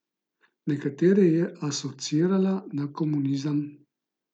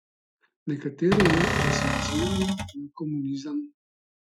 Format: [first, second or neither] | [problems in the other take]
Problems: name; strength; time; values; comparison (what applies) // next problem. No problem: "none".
first | noise reduction (classical method Wiener filter)